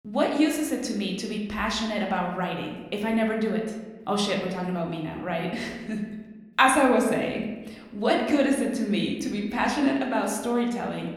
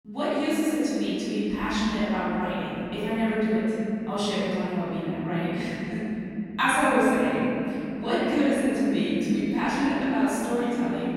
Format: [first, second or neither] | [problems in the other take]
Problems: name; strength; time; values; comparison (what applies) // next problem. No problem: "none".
first | room echo; strong; dies away in 3 s; slight in the first // off-mic speech; far; somewhat distant in the first